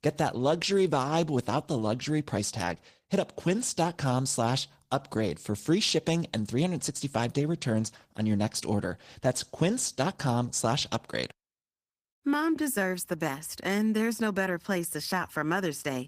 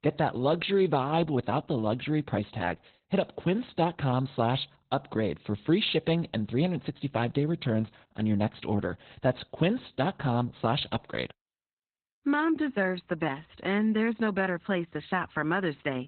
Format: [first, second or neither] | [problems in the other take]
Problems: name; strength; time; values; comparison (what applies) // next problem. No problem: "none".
first | garbled, watery; badly; nothing above 4 kHz; slightly in the first